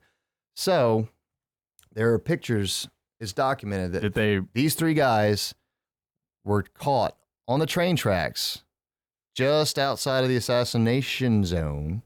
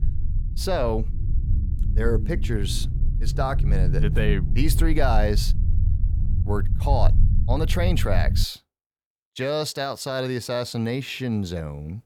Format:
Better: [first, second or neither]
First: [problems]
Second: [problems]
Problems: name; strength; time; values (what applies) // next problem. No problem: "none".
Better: first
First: none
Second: low rumble; noticeable; until 8.5 s; 15 dB below the speech